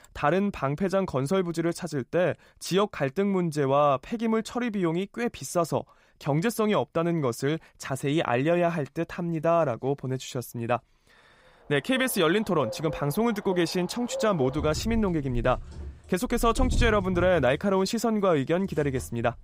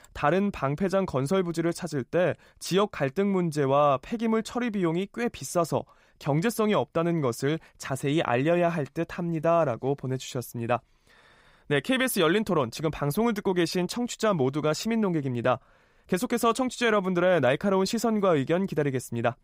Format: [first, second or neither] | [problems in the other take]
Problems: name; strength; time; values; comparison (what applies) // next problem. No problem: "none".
second | animal sounds; noticeable; from 12 s on; 10 dB below the speech